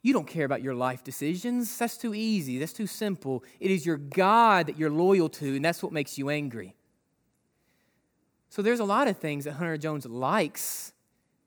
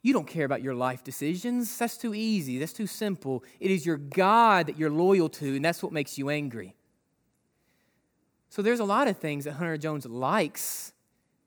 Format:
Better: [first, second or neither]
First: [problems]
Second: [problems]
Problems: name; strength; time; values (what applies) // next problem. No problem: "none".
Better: neither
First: none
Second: none